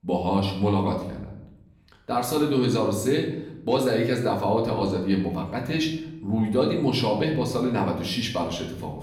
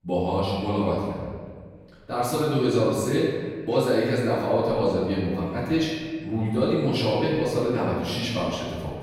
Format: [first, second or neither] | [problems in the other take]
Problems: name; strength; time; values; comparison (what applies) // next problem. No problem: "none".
first | room echo; strong; dies away in 1.6 s; slight in the first // off-mic speech; far; far in the first